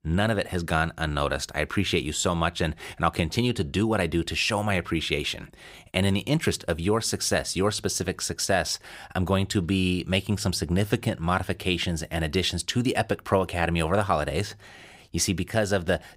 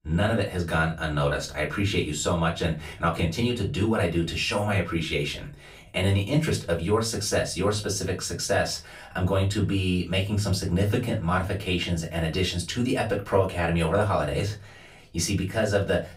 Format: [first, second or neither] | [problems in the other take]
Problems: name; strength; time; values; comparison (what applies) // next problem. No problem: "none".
first | off-mic speech; far // room echo; very slight; dies away in 0.2 s